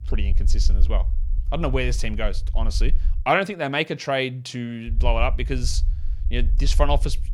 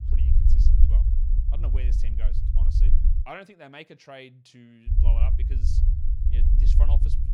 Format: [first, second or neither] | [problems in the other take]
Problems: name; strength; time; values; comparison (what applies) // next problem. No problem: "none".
first | low rumble; loud; until 3 s and from 5 s on; 1 dB below the speech; faint in the first